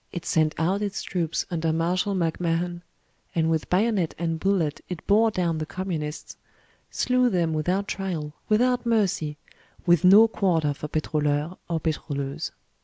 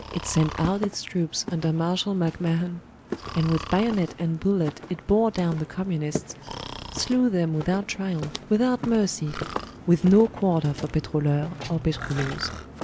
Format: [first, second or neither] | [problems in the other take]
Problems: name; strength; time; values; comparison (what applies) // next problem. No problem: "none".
first | background sound (Breathing + Walk, footsteps); 12 dB below the speech